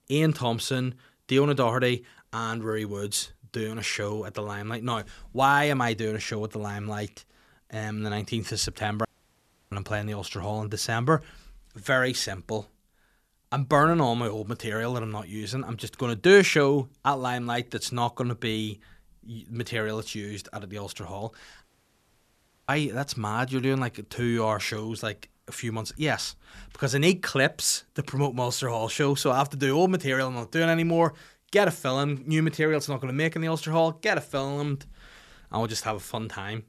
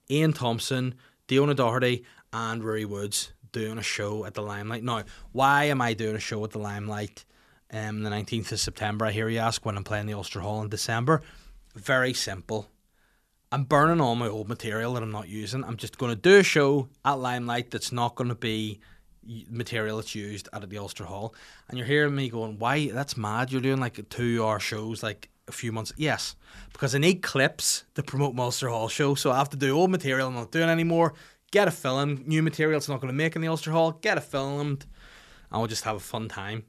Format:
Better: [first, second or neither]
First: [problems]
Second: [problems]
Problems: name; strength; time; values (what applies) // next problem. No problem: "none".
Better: second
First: audio cutting out; at 9 s for 0.5 s and at 22 s for 1 s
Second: none